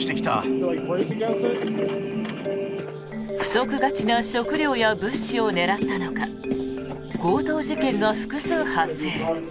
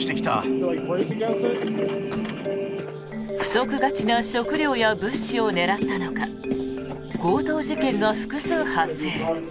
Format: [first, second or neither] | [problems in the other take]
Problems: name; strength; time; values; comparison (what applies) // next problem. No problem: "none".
first | background sound (Slam / Microwave oven); 18 dB below the speech